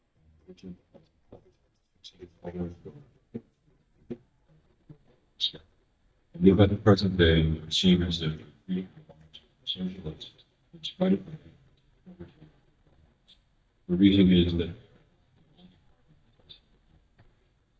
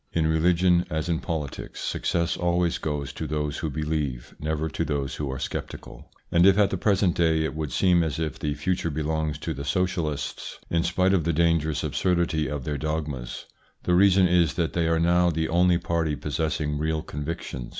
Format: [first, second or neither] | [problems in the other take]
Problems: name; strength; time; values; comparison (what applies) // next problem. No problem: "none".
second | noise reduction (neural mask model DeepFilterNet 3)